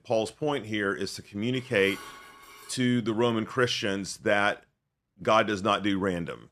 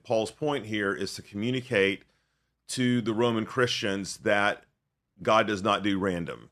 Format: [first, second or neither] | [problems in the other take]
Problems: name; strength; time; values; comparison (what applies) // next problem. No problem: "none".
second | clattering dishes; faint; from 1.5 to 2.5 s; peak 15 dB below the speech